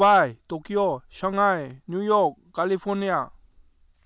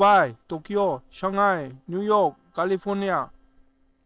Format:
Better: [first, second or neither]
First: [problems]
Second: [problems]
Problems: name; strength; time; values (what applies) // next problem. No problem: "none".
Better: first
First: none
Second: noise reduction (neural separator model SepFormer DNS4)